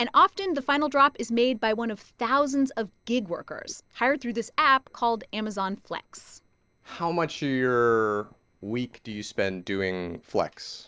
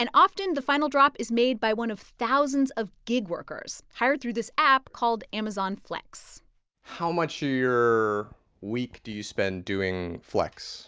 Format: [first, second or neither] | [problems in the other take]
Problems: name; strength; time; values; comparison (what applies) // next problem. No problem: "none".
second | noise reduction (neural separator model SepFormer DNS4)